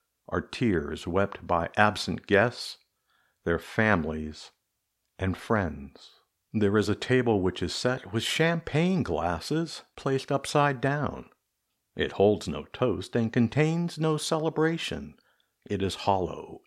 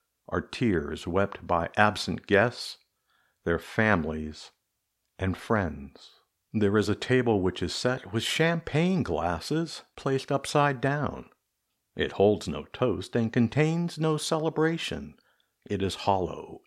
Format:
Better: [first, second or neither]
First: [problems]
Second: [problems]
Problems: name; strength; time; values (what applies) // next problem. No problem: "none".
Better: neither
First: none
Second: none